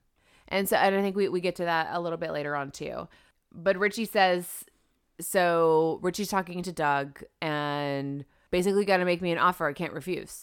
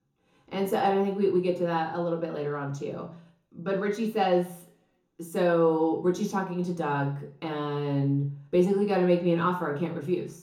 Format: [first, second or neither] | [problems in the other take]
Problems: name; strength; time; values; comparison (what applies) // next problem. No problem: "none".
first | room echo; slight; dies away in 0.6 s // off-mic speech; far